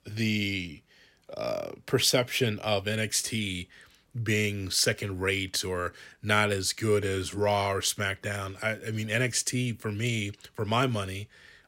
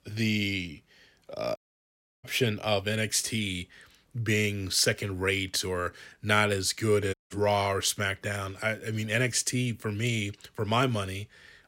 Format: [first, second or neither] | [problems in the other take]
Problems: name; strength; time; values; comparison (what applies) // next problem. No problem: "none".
first | audio cutting out; at 1.5 s for 0.5 s and at 7 s